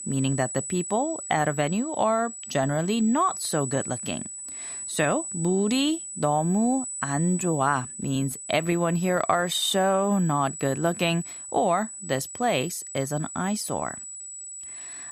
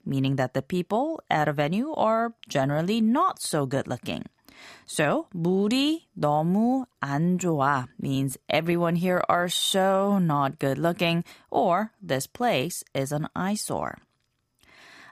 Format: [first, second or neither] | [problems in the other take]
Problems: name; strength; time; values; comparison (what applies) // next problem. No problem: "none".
second | high-pitched whine; loud; throughout; 8 kHz, 8 dB below the speech